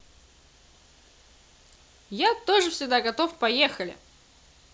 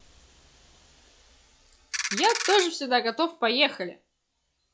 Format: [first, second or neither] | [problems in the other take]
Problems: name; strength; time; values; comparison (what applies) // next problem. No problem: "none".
first | noise reduction (classical method log-MMSE)